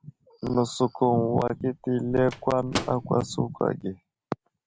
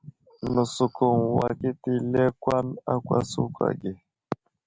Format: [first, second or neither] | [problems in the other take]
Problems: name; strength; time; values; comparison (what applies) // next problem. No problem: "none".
second | background sound (Microwave oven); 12 dB below the speech